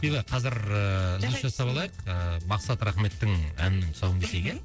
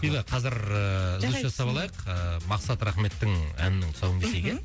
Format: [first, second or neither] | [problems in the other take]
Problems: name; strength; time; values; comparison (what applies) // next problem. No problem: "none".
second | noise reduction (neural separator model SepFormer DNS4)